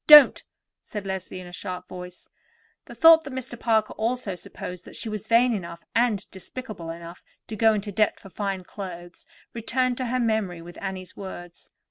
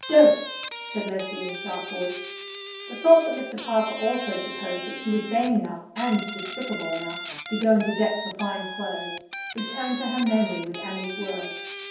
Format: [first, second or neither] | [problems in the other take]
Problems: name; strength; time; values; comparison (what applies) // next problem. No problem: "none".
first | background sound (Guitar); 10 dB below the speech // room echo; dies away in 0.7 s